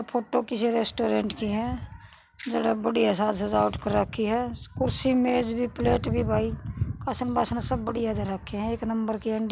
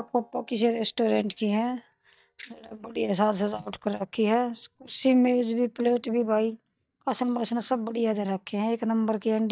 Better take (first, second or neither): first